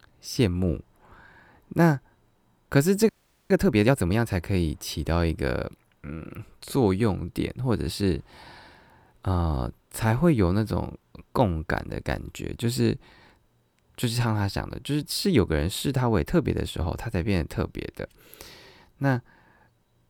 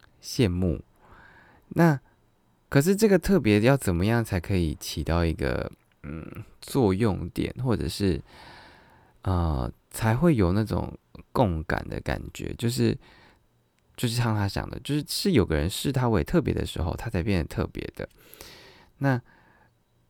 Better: second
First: audio freezing; at 3 s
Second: none

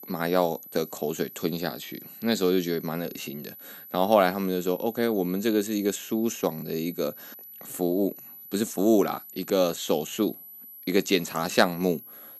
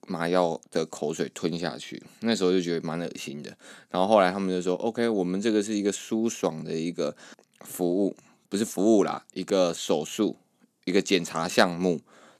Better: second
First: high-pitched whine; noticeable; throughout; 12 kHz, 15 dB below the speech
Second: none

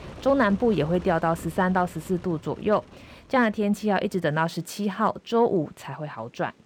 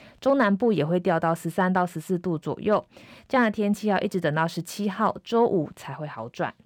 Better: second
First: rain or running water; noticeable; throughout; 20 dB below the speech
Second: none

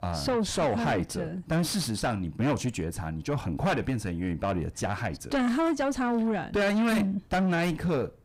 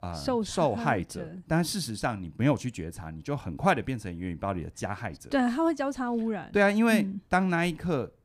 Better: second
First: distortion; heavy; 5 dB below the speech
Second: none

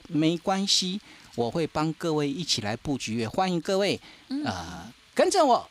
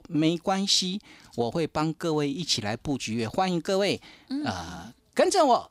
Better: second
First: hiss; faint; throughout; 30 dB below the speech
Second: none

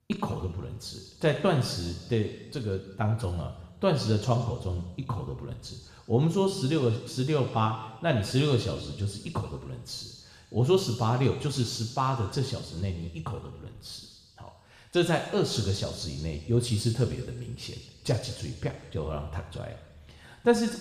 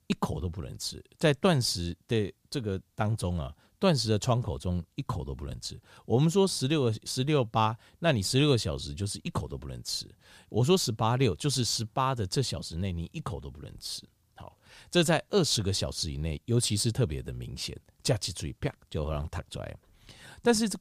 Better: second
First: room echo; noticeable; dies away in 1.5 s // off-mic speech; somewhat distant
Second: none

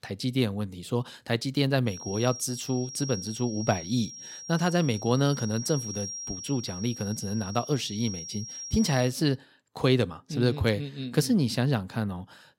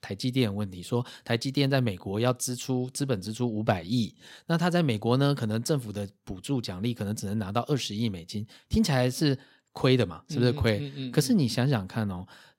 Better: second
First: high-pitched whine; loud; from 2 to 9 s; 5.5 kHz, 9 dB below the speech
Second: none

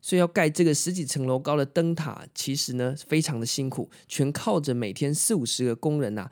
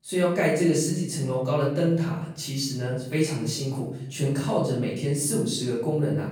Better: first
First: none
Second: off-mic speech; far // room echo; noticeable; dies away in 0.7 s

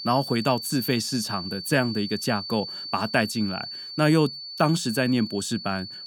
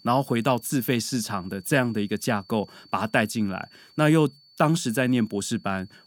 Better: second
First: high-pitched whine; loud; throughout; 4.5 kHz, 8 dB below the speech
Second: high-pitched whine; faint; throughout; 4.5 kHz, 25 dB below the speech

